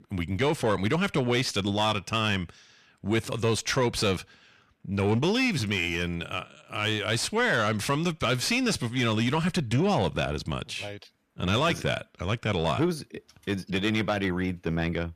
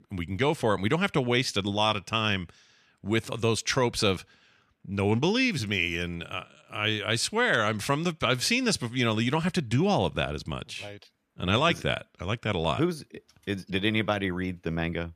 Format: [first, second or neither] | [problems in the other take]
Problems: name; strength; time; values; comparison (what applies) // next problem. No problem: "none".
second | distortion; slight; 10 dB below the speech